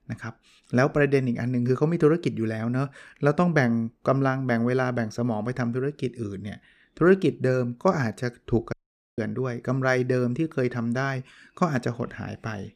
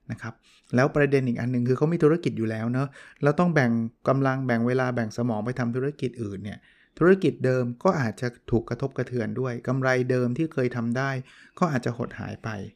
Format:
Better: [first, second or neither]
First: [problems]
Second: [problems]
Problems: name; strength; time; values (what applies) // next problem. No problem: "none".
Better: second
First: audio cutting out; at 8.5 s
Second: none